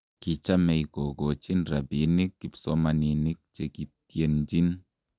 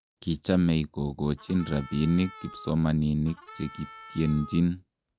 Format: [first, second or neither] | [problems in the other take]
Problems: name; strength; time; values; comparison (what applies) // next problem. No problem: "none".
first | background sound (Harmonica); 19 dB below the speech